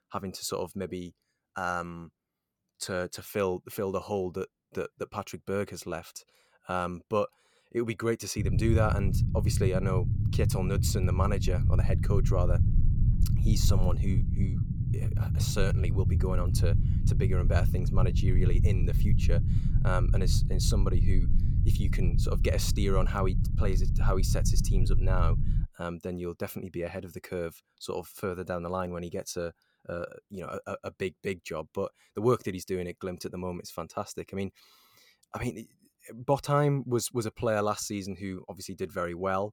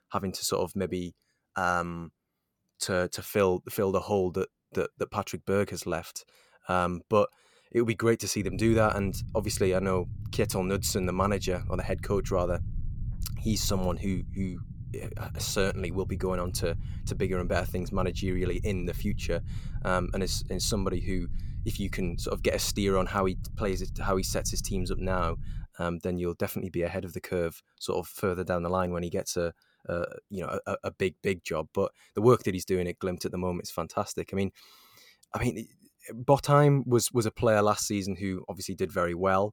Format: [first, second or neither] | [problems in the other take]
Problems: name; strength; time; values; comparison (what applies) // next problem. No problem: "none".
second | low rumble; loud; from 8.5 to 26 s; 8 dB below the speech; faint in the second